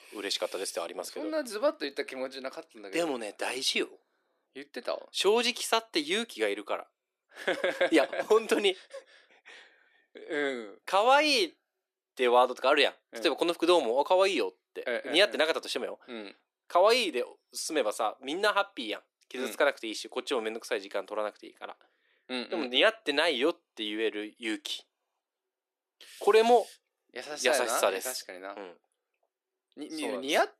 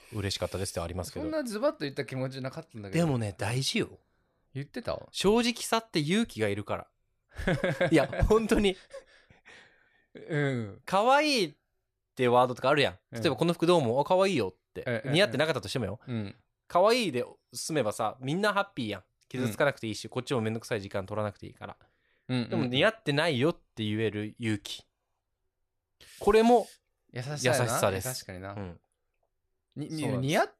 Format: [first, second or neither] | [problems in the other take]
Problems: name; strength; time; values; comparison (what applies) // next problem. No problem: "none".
second | thin; somewhat; fading below 300 Hz